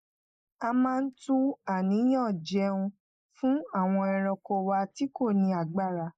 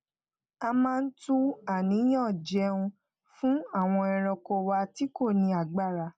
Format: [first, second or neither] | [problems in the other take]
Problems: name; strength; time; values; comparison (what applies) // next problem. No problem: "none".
second | noise reduction (neural mask model Resemble Enhance denoiser)